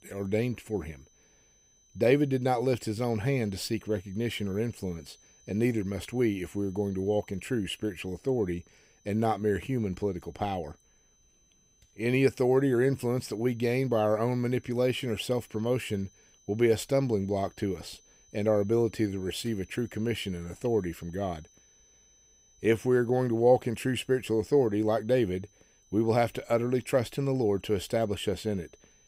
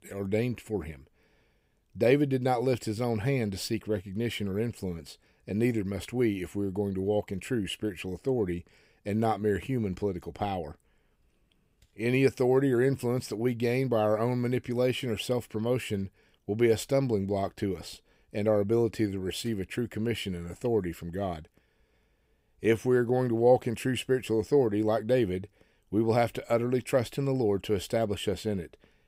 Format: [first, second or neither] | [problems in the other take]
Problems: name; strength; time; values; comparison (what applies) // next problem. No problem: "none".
second | high-pitched whine; faint; throughout; 6 kHz, 30 dB below the speech